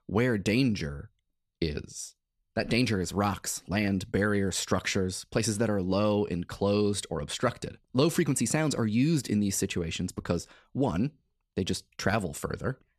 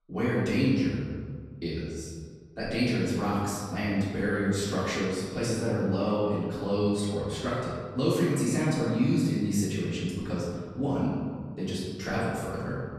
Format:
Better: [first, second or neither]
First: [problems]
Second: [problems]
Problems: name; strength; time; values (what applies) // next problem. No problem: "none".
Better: first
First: none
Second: room echo; strong; dies away in 1.7 s // off-mic speech; far